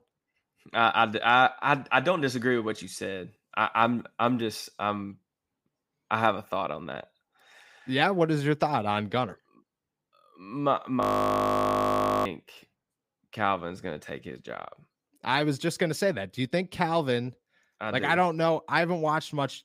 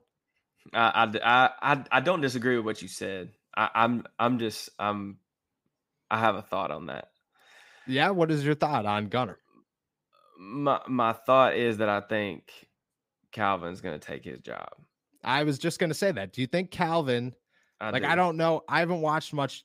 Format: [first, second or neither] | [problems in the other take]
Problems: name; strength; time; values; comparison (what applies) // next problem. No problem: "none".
second | audio freezing; at 11 s for 1 s